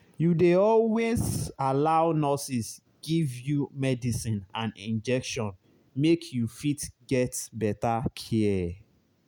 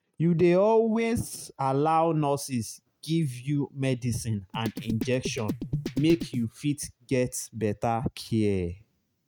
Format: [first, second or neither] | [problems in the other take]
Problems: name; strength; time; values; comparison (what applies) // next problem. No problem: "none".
first | noise reduction (neural mask model RNNoise)